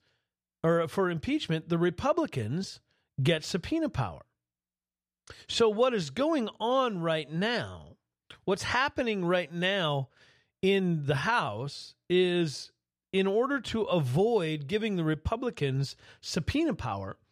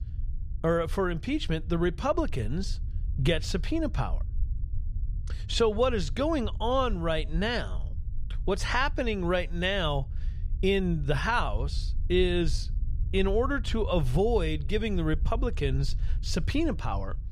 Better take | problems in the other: first | low rumble; faint; throughout; 25 dB below the speech

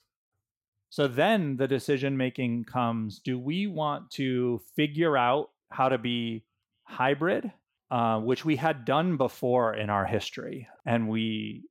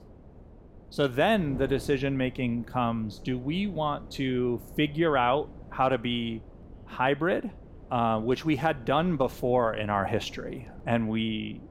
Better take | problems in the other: first | wind noise on the microphone; occasional gusts; 25 dB below the speech

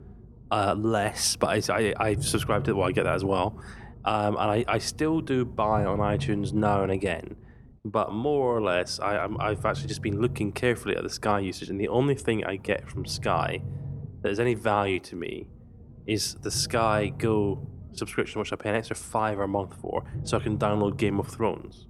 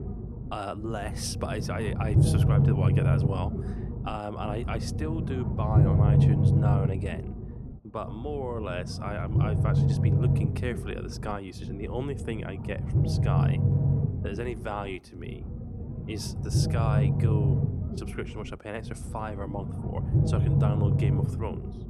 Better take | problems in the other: first | low rumble; loud; throughout; 1 dB below the speech; faint in the first

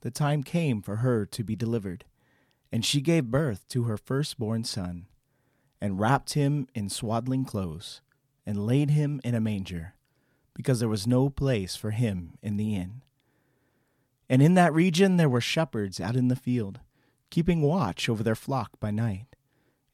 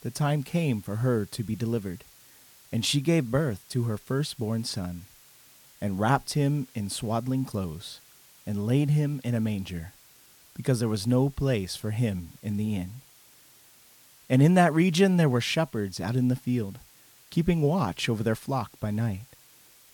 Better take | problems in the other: first | hiss; faint; throughout; 25 dB below the speech

